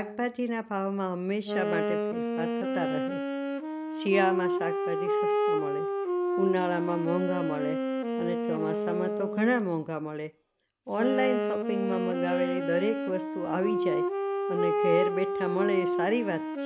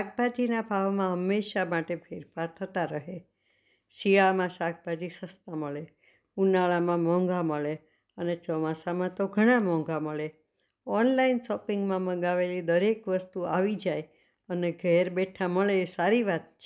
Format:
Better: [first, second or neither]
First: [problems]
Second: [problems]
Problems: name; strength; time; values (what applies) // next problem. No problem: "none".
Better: second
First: background sound (Wind instrument, woodwind instrument); 1 dB above the speech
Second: none